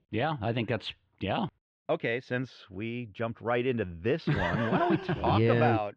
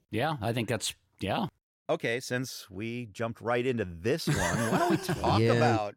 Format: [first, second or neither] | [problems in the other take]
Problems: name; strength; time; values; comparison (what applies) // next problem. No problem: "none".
second | muffled; slightly; fading above 3 kHz